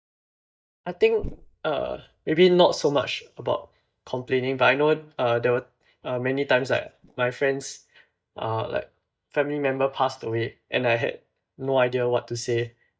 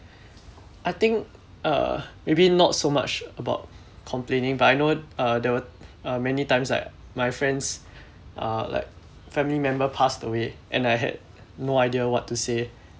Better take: second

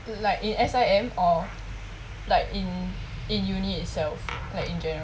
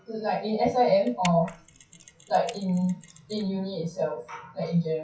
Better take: first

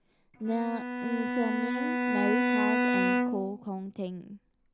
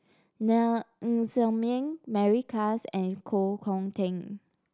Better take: second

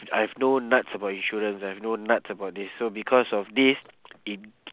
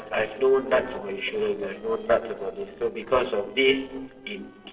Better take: first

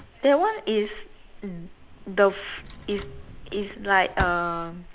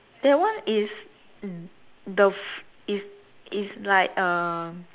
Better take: second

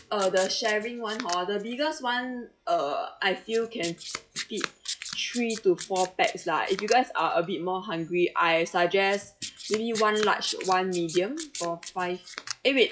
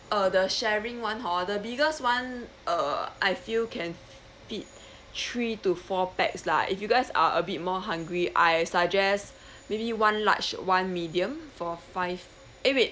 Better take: second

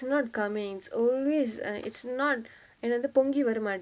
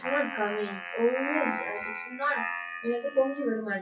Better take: first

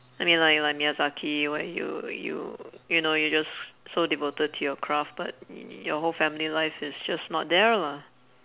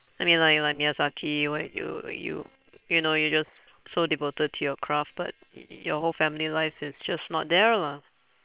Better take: first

